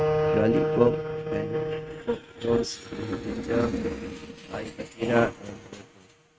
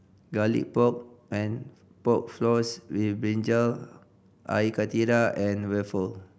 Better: second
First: noise reduction (neural mask model RNNoise)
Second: none

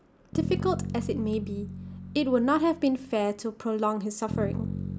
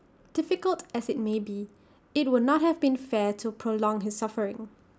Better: second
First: background sound (Bass guitar); 7 dB below the speech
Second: none

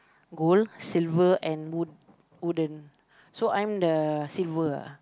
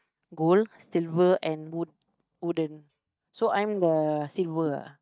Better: first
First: none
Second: noise reduction (neural mask model DeepFilterNet 3)

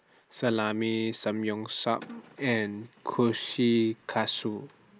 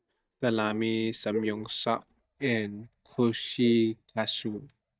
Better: first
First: none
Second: noise reduction (neural mask model DeepFilterNet 3)

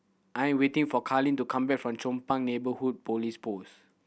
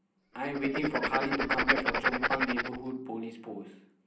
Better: first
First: none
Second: background sound (Writing); 4 dB above the speech // room echo; dies away in 0.6 s

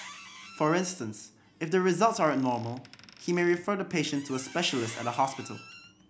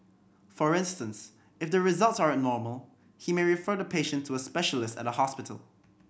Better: second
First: background sound (Squeak); 19 dB below the speech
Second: none

